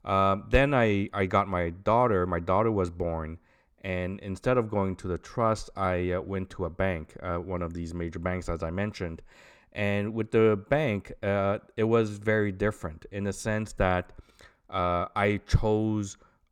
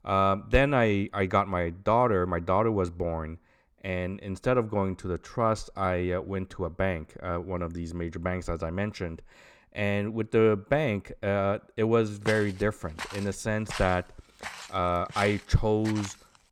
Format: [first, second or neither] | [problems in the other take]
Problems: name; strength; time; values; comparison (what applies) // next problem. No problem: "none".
first | footsteps; noticeable; from 12 s on; peak 10 dB below the speech